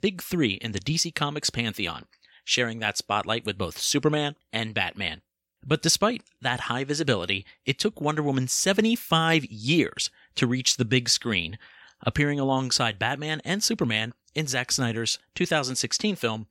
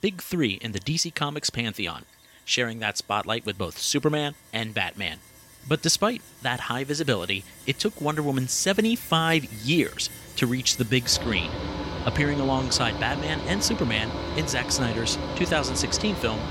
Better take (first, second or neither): first